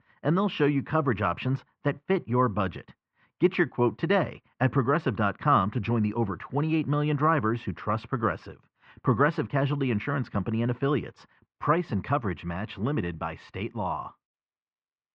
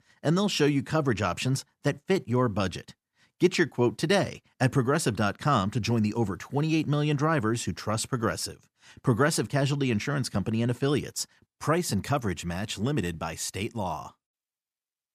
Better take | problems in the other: second | muffled; very; fading above 2.5 kHz

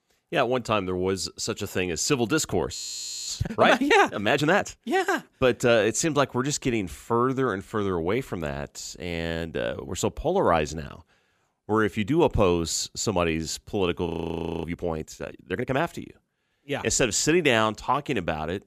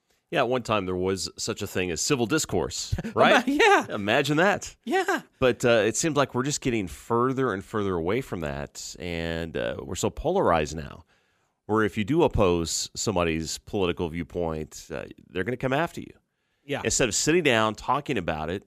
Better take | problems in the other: second | audio freezing; at 3 s for 0.5 s and at 14 s for 0.5 s

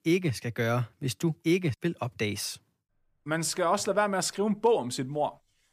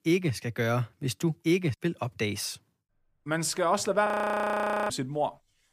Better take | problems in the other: first | audio freezing; at 4 s for 1 s

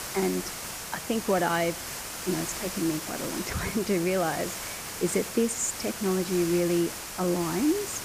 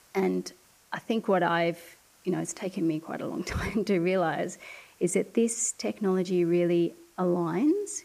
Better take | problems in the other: second | hiss; loud; throughout; 6 dB below the speech; faint in the second

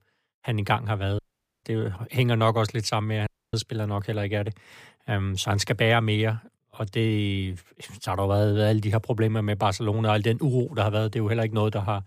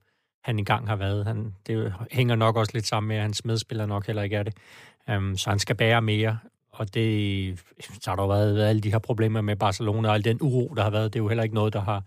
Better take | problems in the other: second | audio cutting out; at 1 s and at 3.5 s

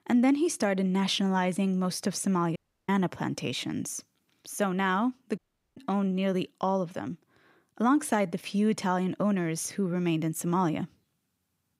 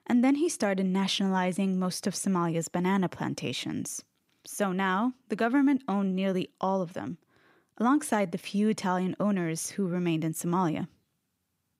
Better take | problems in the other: second | audio cutting out; at 2.5 s and at 5.5 s

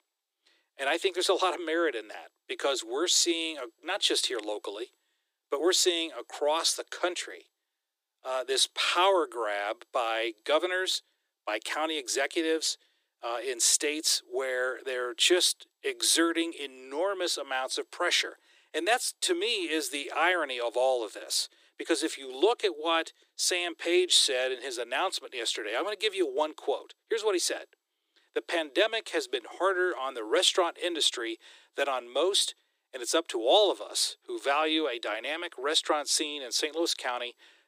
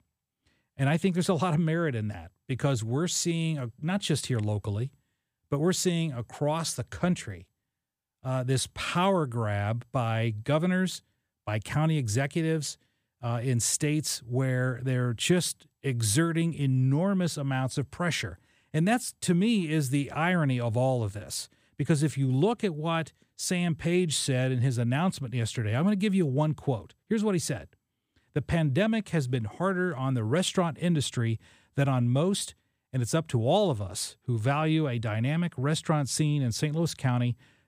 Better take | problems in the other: second | thin; very; fading below 350 Hz

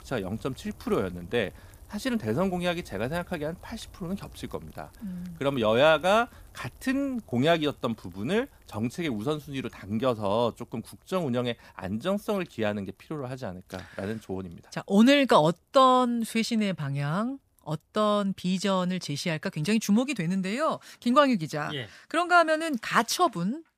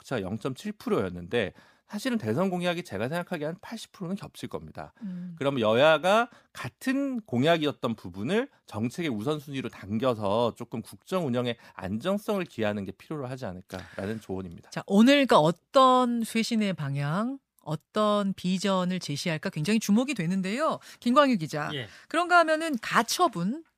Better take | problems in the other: second | rain or running water; faint; throughout; 25 dB below the speech

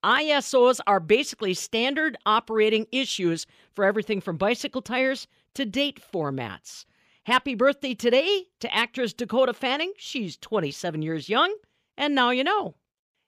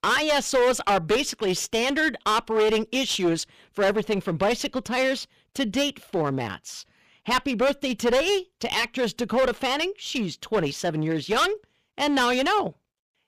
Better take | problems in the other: first | distortion; heavy; 12% of the sound clipped

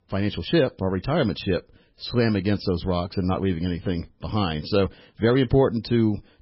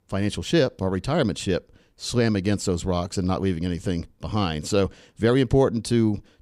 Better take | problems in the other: second | garbled, watery; badly; nothing above 5.5 kHz

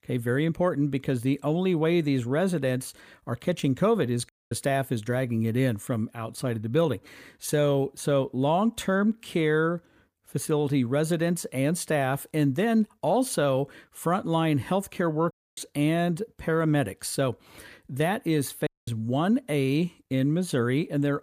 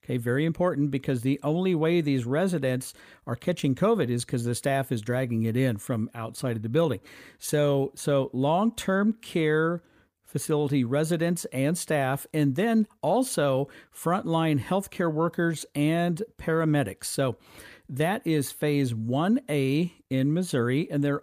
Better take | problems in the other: second | audio cutting out; at 4.5 s, at 15 s and at 19 s

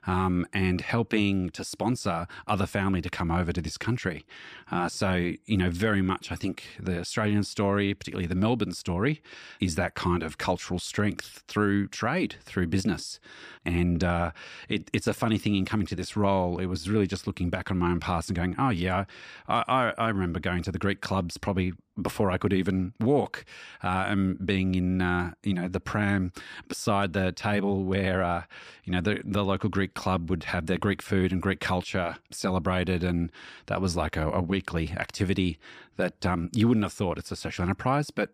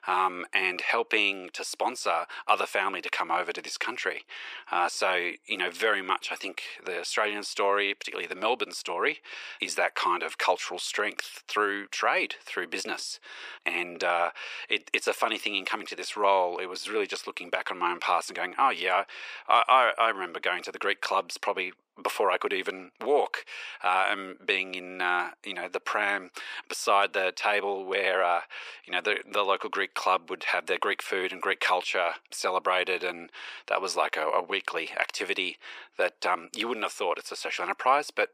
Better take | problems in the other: first | thin; very; fading below 450 Hz

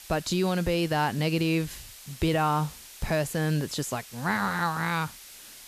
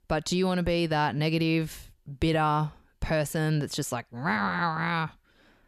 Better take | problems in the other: second | hiss; noticeable; throughout; 15 dB below the speech

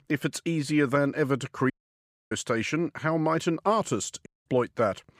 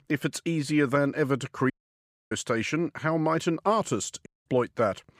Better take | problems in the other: neither | audio cutting out; at 1.5 s for 0.5 s and at 4.5 s; the same in both

